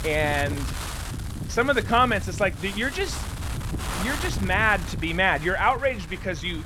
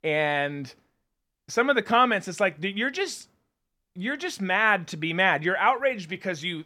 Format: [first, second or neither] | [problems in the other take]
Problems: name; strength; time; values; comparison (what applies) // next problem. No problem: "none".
second | wind noise on the microphone; occasional gusts; 15 dB below the speech